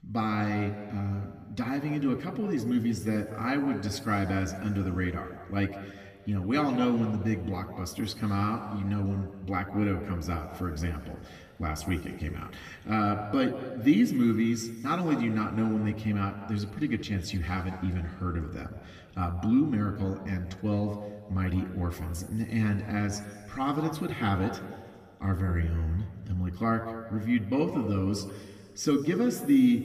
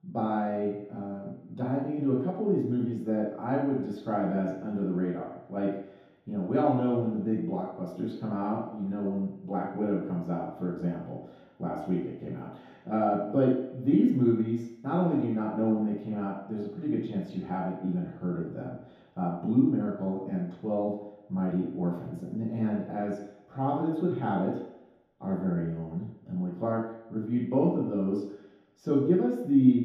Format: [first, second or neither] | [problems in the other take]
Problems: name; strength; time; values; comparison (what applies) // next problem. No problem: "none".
first | room echo; strong; dies away in 0.8 s; slight in the first // off-mic speech; far; somewhat distant in the first